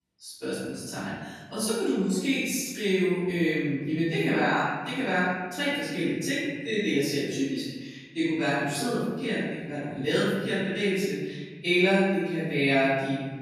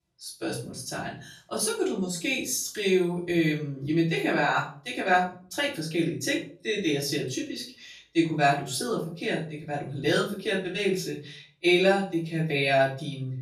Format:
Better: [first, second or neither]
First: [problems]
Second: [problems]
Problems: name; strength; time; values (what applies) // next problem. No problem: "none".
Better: second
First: room echo; strong; dies away in 1.5 s // off-mic speech; far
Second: room echo; slight; dies away in 0.4 s // off-mic speech; far